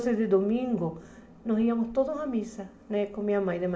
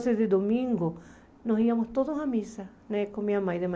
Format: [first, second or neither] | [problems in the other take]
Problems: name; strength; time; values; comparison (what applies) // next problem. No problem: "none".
second | room echo; dies away in 2.1 s